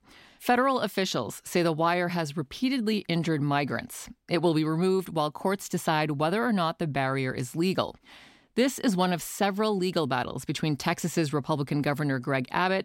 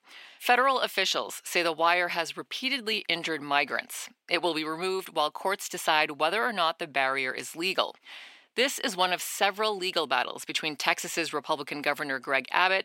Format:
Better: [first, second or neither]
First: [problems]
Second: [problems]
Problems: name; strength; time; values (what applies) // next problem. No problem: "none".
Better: first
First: none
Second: thin; very; fading below 500 Hz